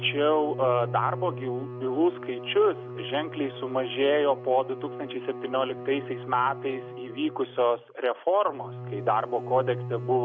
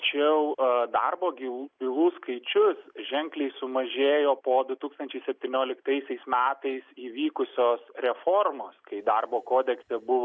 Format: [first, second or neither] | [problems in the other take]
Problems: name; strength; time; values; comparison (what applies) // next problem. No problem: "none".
second | background sound (Bowed string instrument); 10 dB below the speech